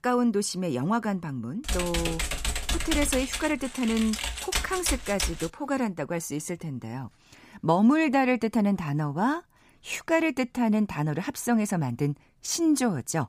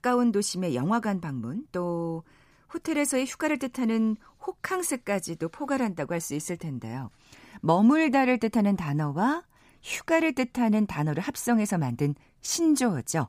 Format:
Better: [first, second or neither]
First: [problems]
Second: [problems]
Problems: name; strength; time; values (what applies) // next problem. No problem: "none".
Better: second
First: keyboard typing; noticeable; from 1.5 to 5.5 s; peak 1 dB below the speech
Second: none